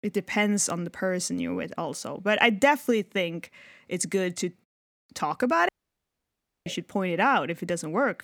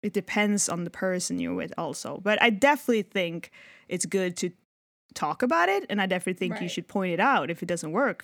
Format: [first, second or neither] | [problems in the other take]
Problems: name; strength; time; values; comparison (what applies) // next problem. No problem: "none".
second | audio cutting out; at 5.5 s for 1 s